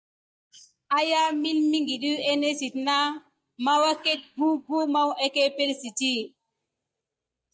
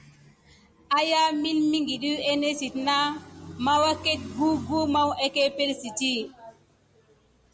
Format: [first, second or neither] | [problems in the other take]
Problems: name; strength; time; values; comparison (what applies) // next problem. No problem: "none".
second | noise reduction (neural mask model DeepFilterNet 3)